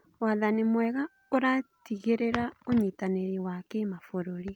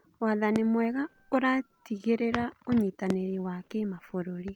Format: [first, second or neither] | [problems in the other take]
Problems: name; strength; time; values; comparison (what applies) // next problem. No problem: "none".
first | background sound (Fireworks); 15 dB below the speech